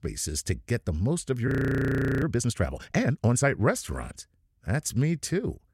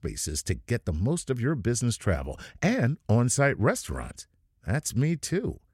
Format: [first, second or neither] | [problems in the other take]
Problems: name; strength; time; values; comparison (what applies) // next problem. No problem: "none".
second | audio freezing; at 1.5 s for 0.5 s